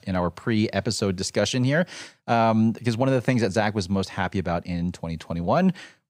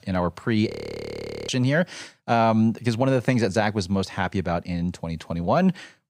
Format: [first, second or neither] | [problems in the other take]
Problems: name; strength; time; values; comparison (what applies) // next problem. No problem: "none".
first | audio freezing; at 0.5 s for 1 s